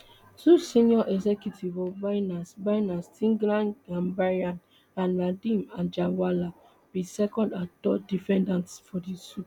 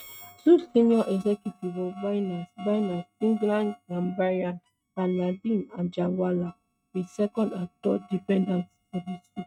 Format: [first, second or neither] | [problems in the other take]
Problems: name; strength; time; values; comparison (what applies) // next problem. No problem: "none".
first | noise reduction (neural mask model RNNoise)